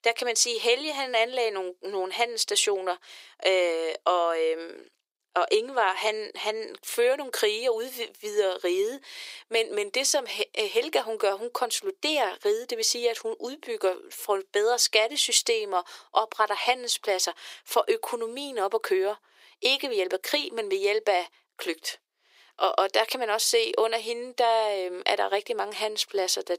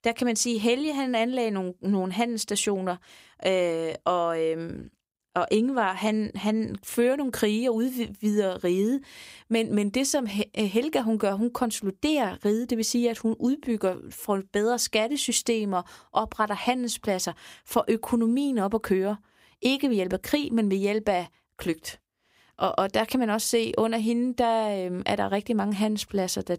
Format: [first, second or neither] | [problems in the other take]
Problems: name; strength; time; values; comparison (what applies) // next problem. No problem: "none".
second | thin; very; fading below 350 Hz